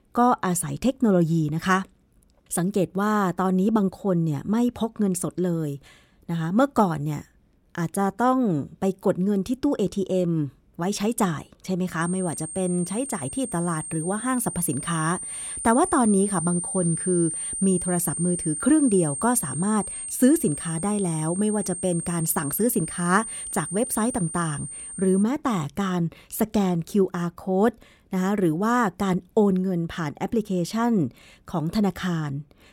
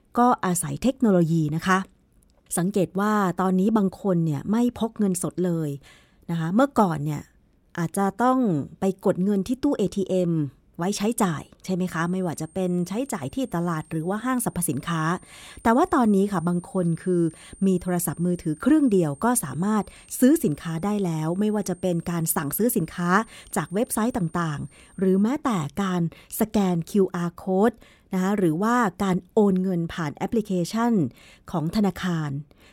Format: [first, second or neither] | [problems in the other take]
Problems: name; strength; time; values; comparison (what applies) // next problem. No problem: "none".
second | high-pitched whine; loud; from 12 to 25 s; 8.5 kHz, 6 dB below the speech; faint in the second